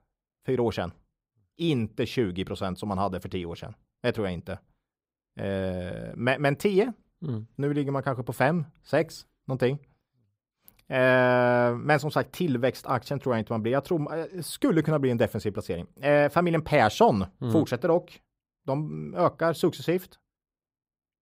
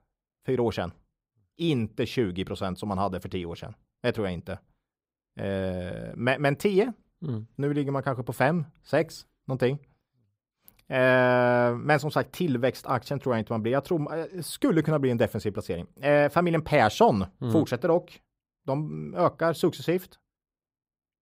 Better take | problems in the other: neither | none

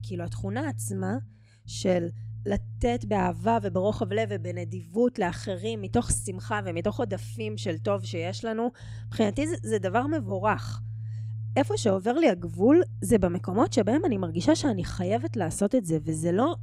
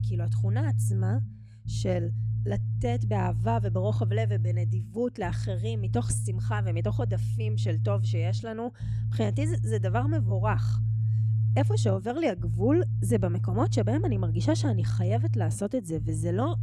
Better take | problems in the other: first | low rumble; loud; throughout; 9 dB below the speech; faint in the first

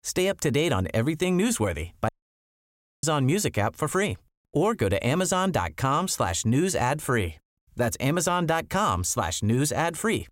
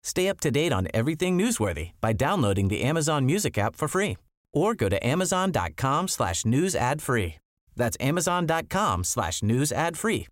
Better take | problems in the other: second | audio cutting out; at 2 s for 1 s

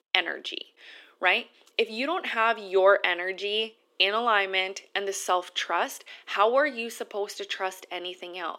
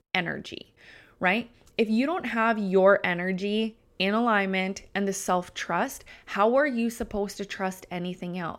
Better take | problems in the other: second | thin; very; fading below 300 Hz

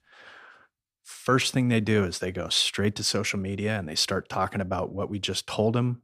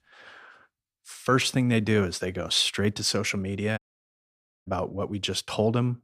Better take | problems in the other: first | audio cutting out; at 4 s for 1 s

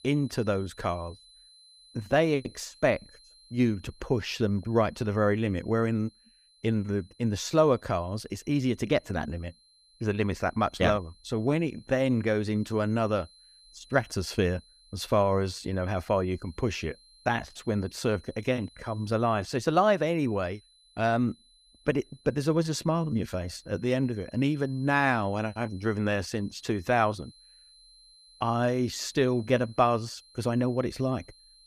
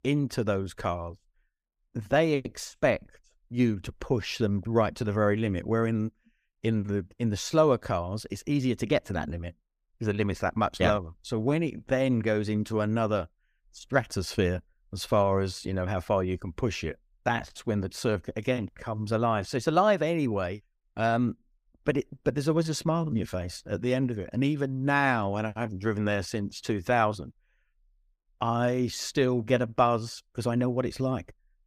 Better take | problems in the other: second | high-pitched whine; faint; throughout; 4 kHz, 25 dB below the speech

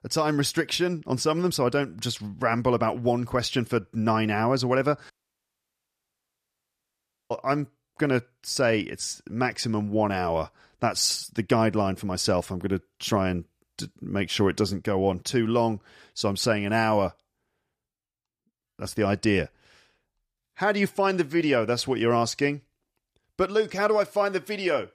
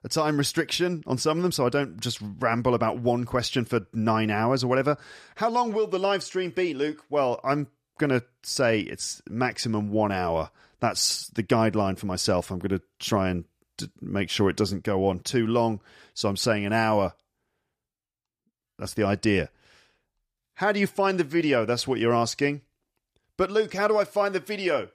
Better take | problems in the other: second | audio cutting out; at 5 s for 2 s

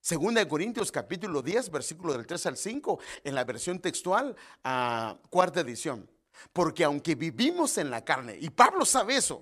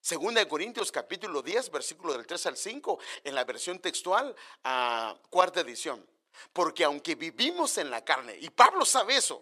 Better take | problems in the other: first | thin; somewhat; fading below 450 Hz

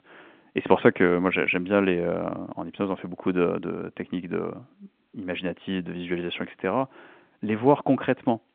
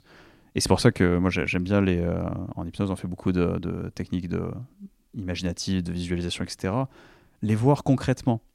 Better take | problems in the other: second | phone-call audio; nothing above 3.5 kHz

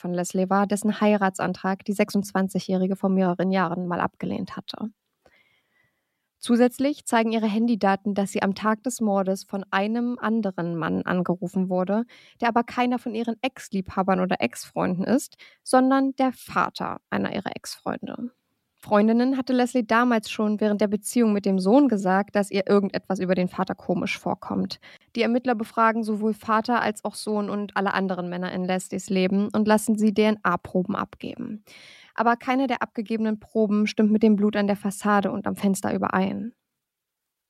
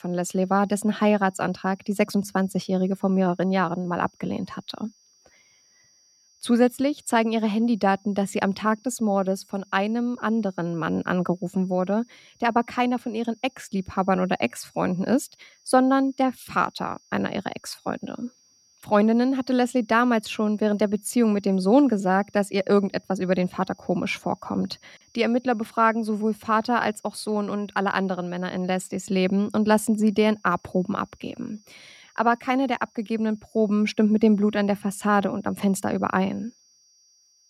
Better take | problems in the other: first | high-pitched whine; faint; throughout; 6 kHz, 35 dB below the speech

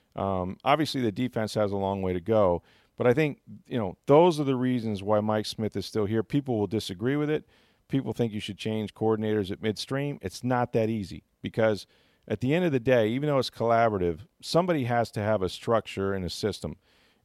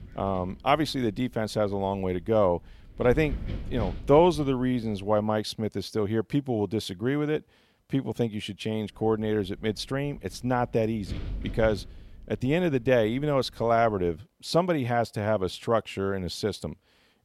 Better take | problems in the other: first | wind noise on the microphone; occasional gusts; until 5 s and from 9 to 14 s; 20 dB below the speech

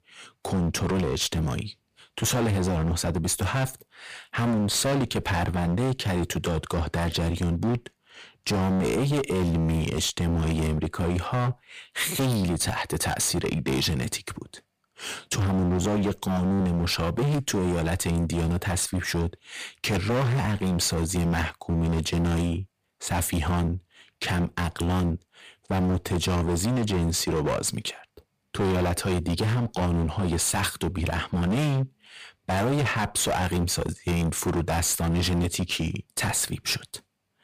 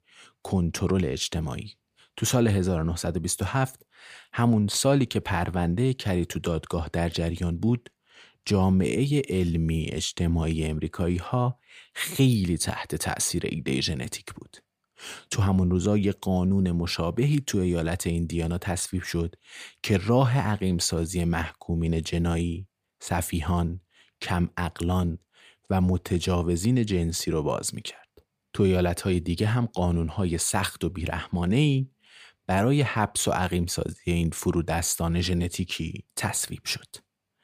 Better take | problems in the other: second | distortion; heavy; 25% of the sound clipped

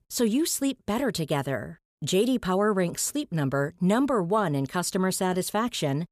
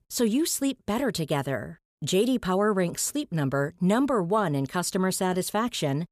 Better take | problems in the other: neither | none

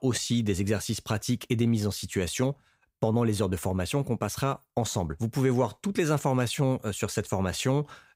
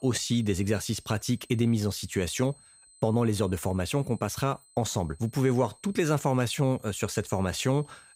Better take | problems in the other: first | high-pitched whine; faint; throughout; 8 kHz, 25 dB below the speech

